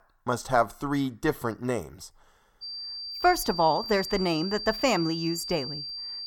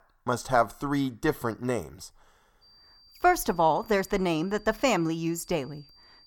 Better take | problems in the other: second | high-pitched whine; loud; from 2.5 s on; 4.5 kHz, 7 dB below the speech; faint in the second

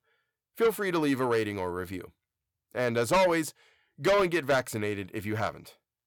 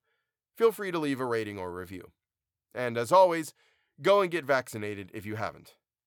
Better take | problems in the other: second | distortion; heavy; 6 dB below the speech

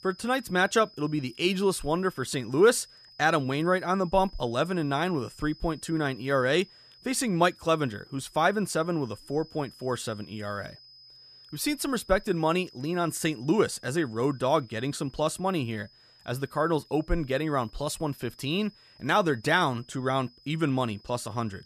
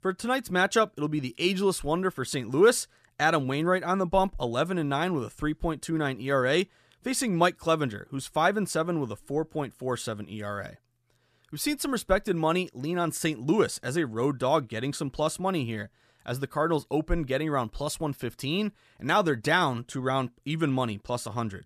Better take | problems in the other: second | high-pitched whine; faint; throughout; 5 kHz, 25 dB below the speech

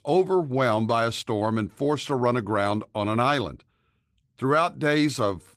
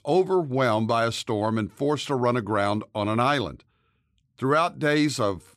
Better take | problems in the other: second | garbled, watery; slightly; nothing above 15 kHz

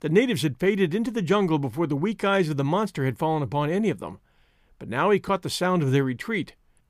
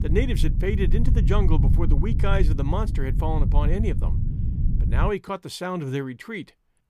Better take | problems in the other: first | low rumble; loud; until 5 s; 8 dB below the speech

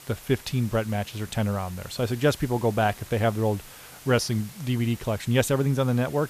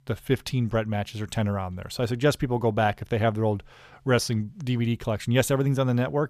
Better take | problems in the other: second | hiss; noticeable; throughout; 20 dB below the speech

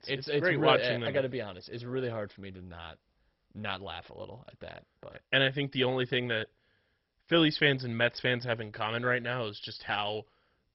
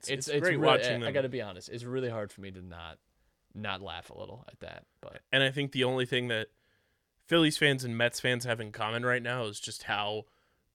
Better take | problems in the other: second | garbled, watery; badly; nothing above 5.5 kHz

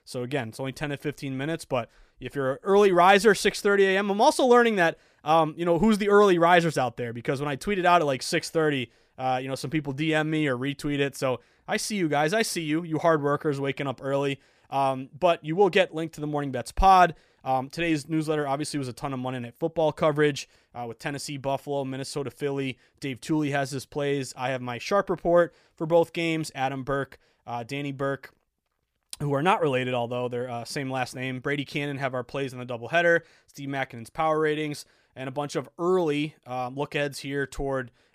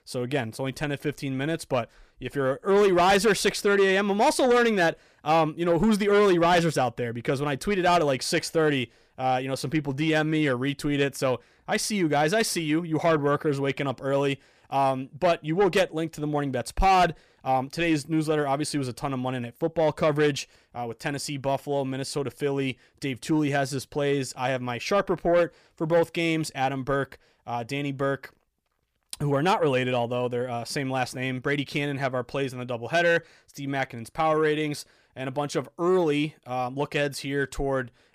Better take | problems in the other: first | distortion; slight; 10 dB below the speech

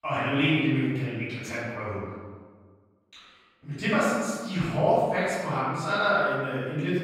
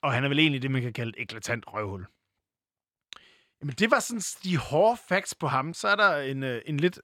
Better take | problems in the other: second | off-mic speech; far // room echo; strong; dies away in 1.4 s

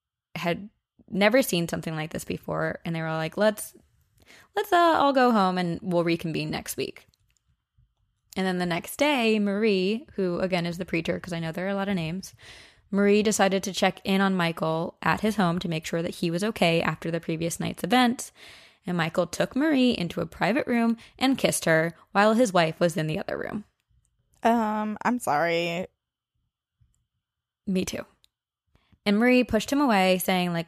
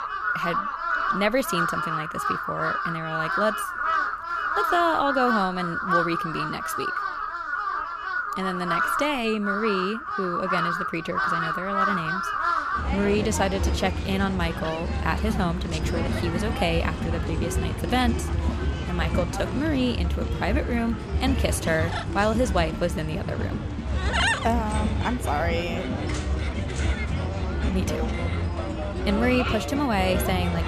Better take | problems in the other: first | animal sounds; very loud; throughout; as loud as the speech

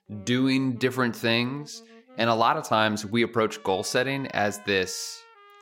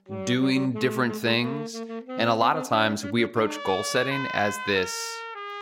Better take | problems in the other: first | background music; loud; throughout; 9 dB below the speech; faint in the first

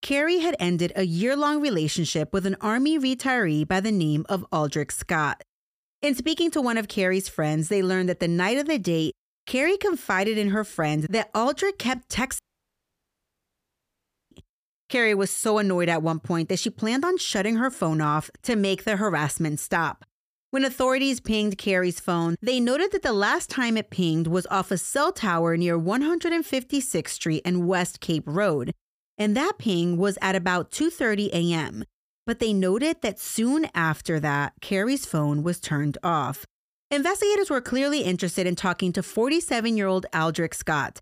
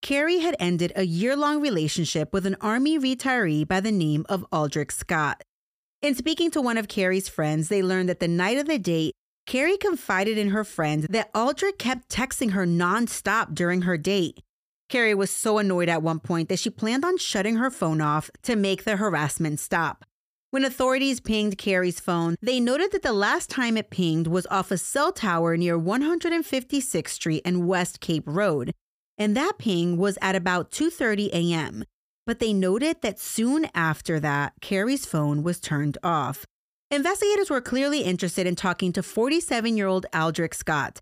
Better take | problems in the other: second | audio cutting out; at 12 s for 2 s

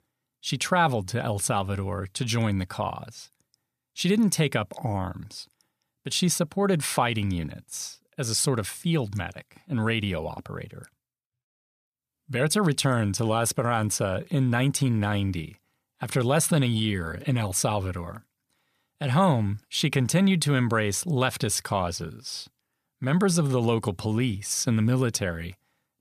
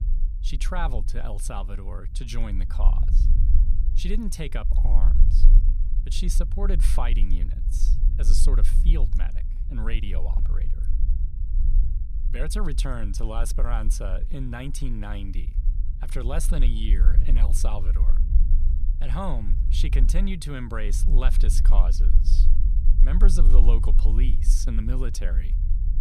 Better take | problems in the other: first | low rumble; noticeable; throughout; 10 dB below the speech

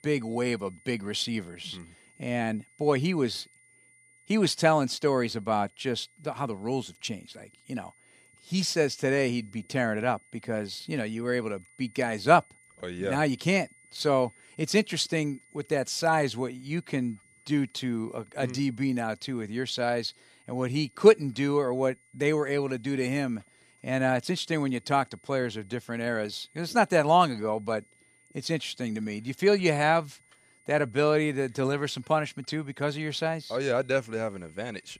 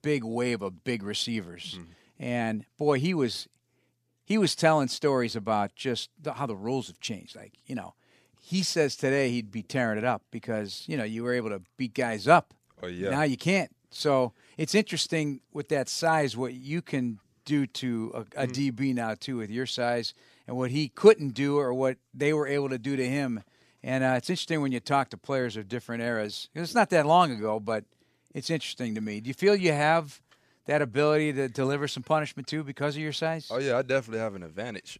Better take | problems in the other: second | high-pitched whine; faint; throughout; 2 kHz, 30 dB below the speech

